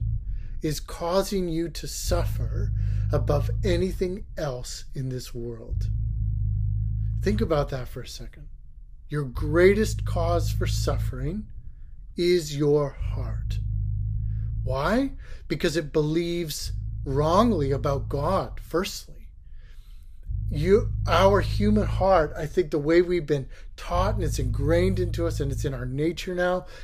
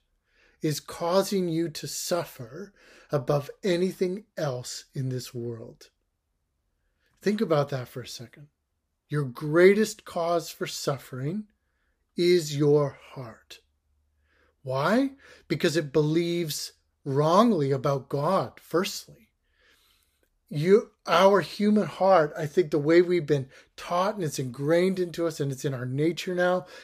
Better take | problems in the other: second | low rumble; noticeable; throughout; 20 dB below the speech

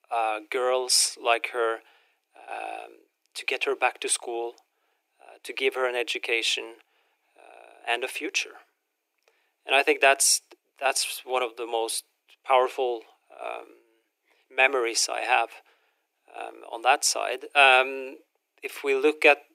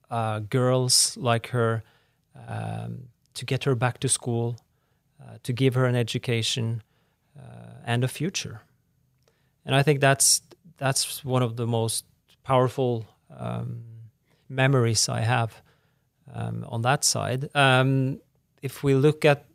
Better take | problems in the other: second | thin; very; fading below 300 Hz

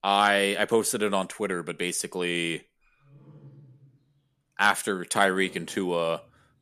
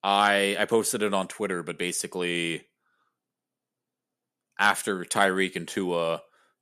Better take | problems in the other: second | animal sounds; faint; throughout; 25 dB below the speech

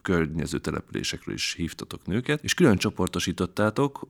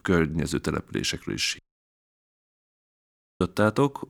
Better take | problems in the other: first | audio cutting out; at 1.5 s for 2 s

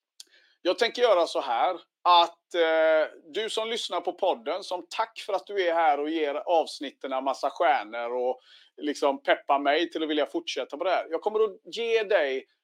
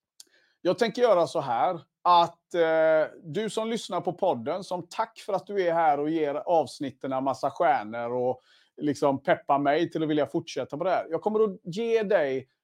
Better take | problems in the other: second | thin; very slightly; fading below 300 Hz

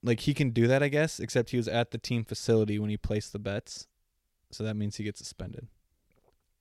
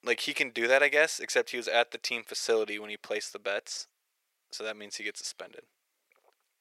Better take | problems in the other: first | thin; very; fading below 500 Hz

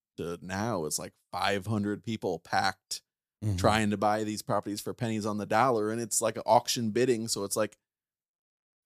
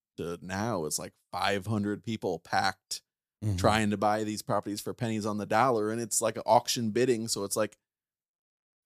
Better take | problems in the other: neither | none

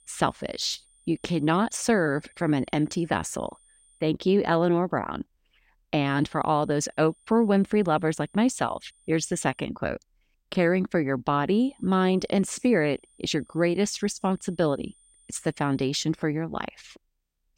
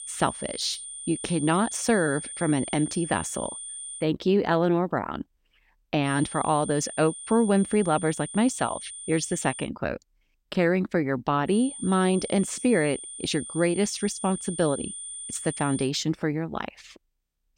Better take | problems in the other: first | high-pitched whine; loud; until 4 s, from 6 to 9.5 s and from 12 to 16 s; 9 kHz, 10 dB below the speech; faint in the first

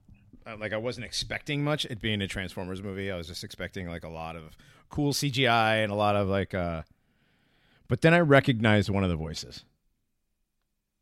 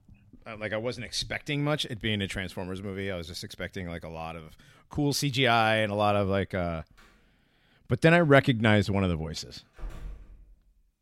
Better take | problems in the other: first | door banging; faint; at 10 s; peak 15 dB below the speech

